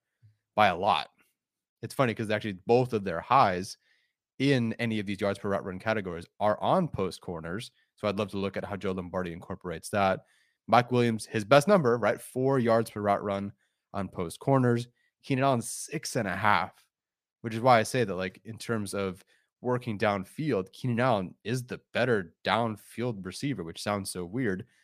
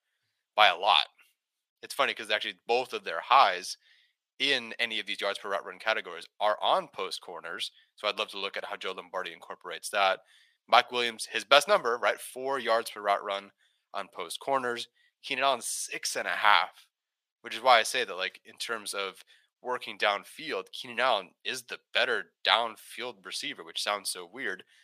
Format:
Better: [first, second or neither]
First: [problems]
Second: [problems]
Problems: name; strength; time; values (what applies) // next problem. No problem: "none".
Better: first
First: none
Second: thin; very; fading below 700 Hz